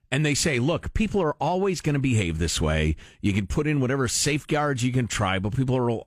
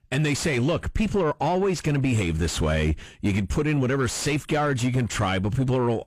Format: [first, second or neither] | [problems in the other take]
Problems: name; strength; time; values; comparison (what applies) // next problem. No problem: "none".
first | distortion; slight; 10 dB below the speech